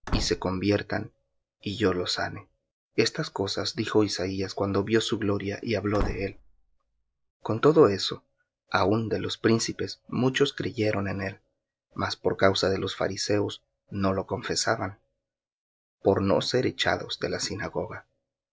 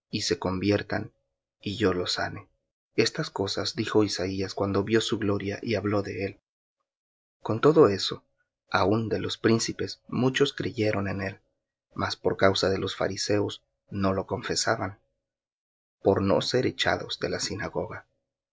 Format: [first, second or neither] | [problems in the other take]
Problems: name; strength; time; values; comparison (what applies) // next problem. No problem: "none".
second | background sound (Slam / Wood); 8 dB below the speech